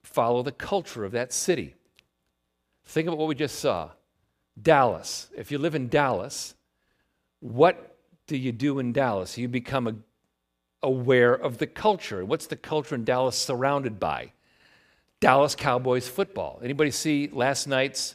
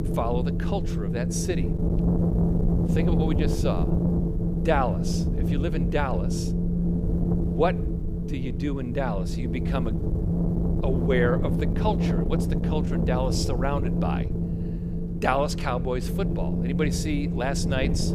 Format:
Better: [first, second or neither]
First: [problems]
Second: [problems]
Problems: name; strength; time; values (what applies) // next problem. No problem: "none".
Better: first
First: none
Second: wind noise on the microphone; heavy; 5 dB below the speech